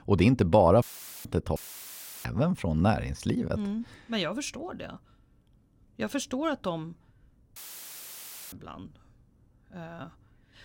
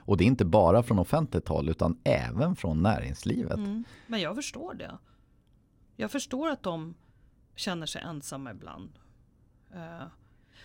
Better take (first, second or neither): second